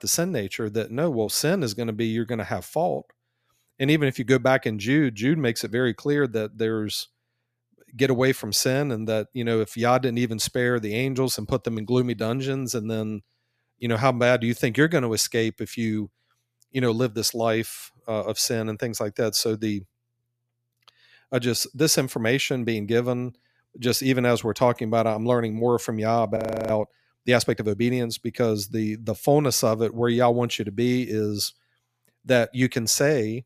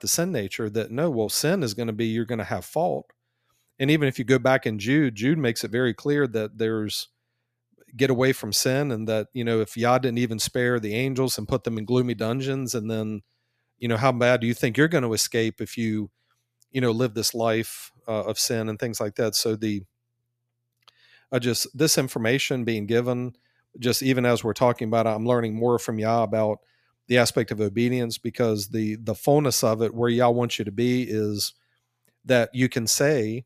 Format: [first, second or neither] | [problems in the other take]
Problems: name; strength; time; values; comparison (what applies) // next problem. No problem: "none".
second | audio freezing; at 26 s